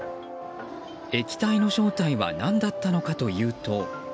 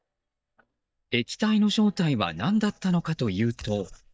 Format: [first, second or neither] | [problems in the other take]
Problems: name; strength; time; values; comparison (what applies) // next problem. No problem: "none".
first | noise reduction (neural mask model DeepFilterNet 3)